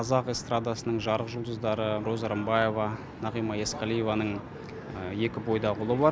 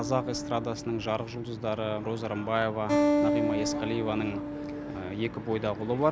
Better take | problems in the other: first | background sound (Acoustic guitar); 2 dB below the speech

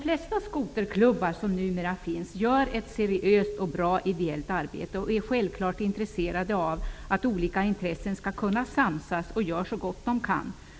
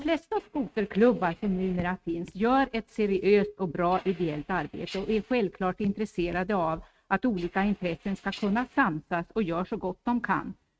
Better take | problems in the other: first | noise reduction (neural mask model RNNoise)

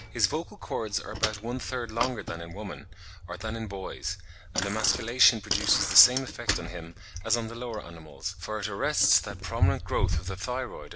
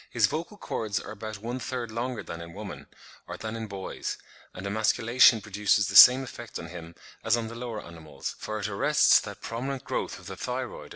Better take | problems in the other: second | background sound (Bicycle); 4 dB below the speech

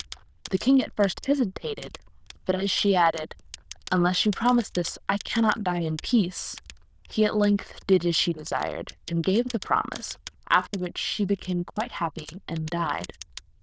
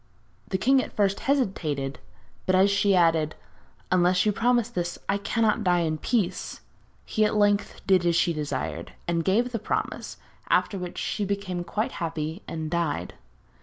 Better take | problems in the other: second | noise reduction (neural diffusion model UNIVERSE++)

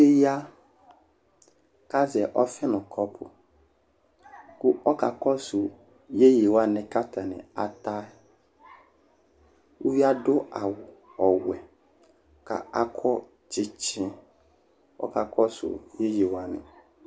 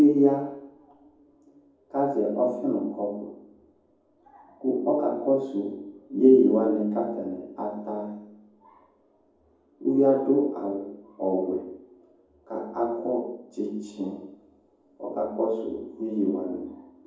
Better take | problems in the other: first | room echo; dies away in 1.2 s

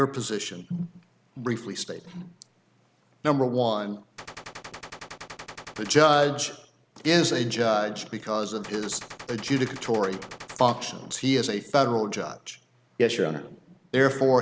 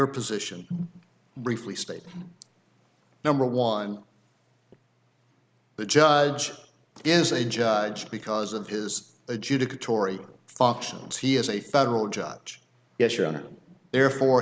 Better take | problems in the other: second | background sound (Gunshot, gunfire); 15 dB below the speech

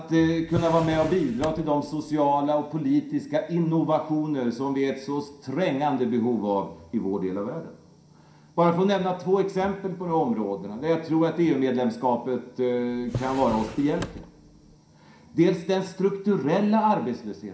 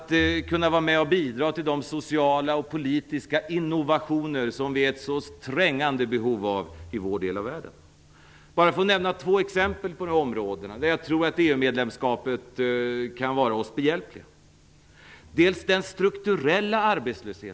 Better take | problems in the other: second | background sound (Drawer open or close); 12 dB below the speech // room echo; dies away in 0.5 s

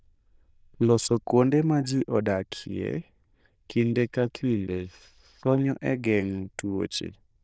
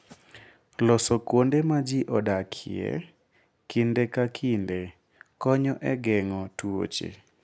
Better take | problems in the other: second | noise reduction (neural diffusion model UNIVERSE++)

